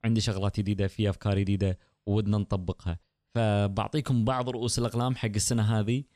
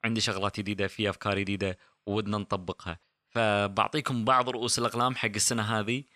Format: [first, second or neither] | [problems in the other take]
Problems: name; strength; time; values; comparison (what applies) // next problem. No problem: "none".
first | thin; somewhat; fading below 750 Hz